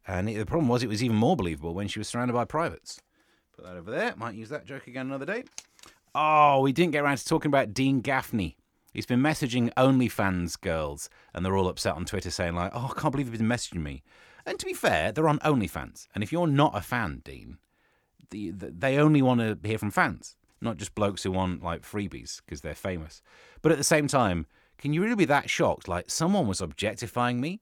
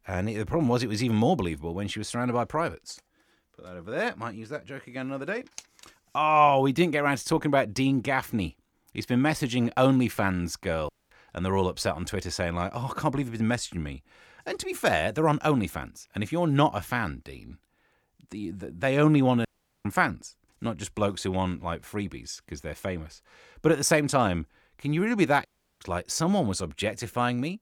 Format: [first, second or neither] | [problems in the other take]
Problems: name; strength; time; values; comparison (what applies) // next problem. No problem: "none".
first | audio cutting out; at 11 s, at 19 s and at 25 s